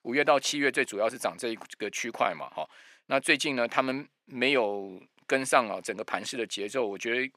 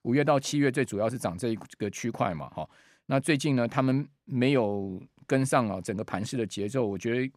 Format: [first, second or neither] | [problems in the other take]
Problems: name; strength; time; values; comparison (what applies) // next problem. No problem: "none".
second | thin; somewhat; fading below 400 Hz